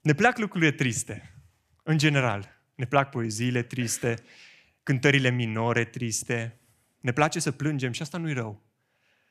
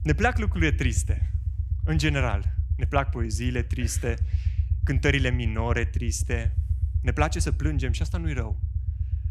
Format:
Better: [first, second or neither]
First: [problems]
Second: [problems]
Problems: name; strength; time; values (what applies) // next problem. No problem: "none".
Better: first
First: none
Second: low rumble; noticeable; throughout; 15 dB below the speech